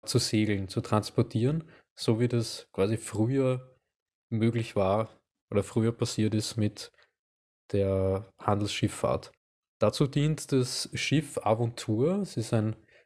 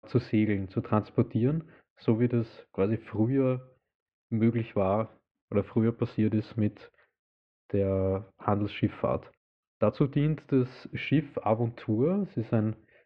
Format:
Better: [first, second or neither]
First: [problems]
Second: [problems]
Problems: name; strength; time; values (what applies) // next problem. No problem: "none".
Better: first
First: none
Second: muffled; very; fading above 2.5 kHz